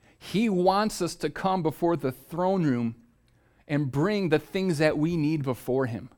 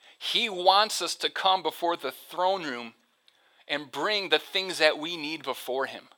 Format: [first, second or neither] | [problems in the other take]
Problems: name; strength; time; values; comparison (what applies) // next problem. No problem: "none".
first | thin; very; fading below 700 Hz